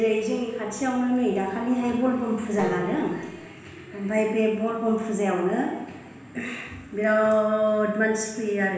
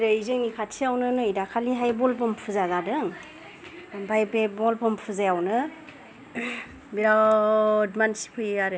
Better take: second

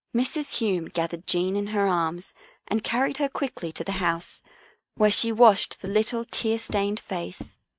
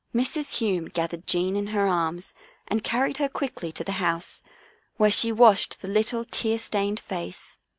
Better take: second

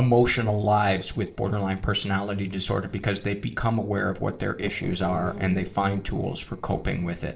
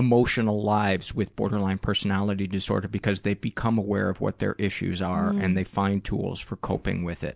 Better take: second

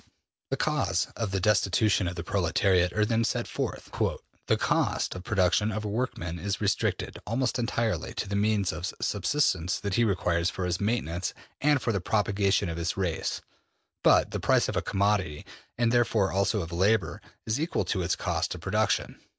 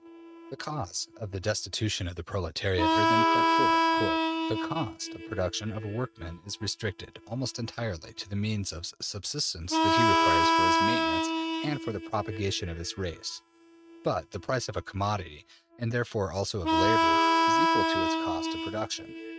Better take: first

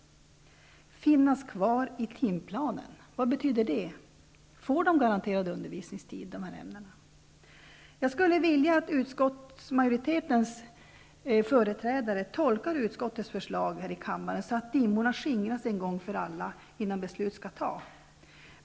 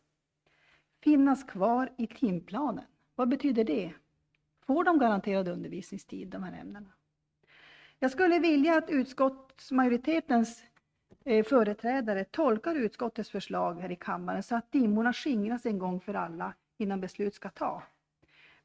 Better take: first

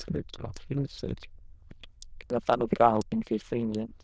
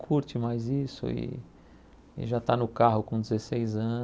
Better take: second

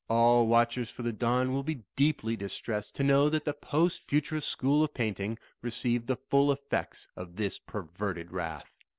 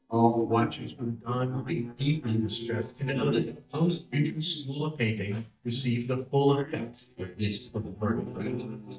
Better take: first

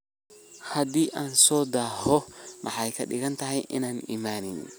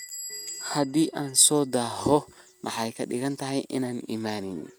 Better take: first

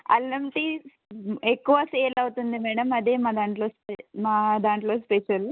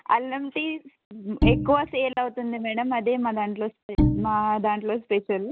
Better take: first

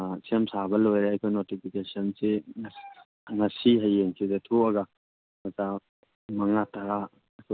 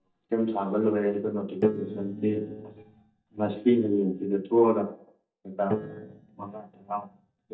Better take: first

